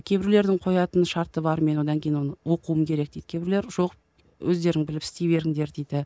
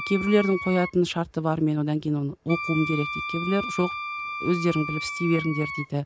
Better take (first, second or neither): first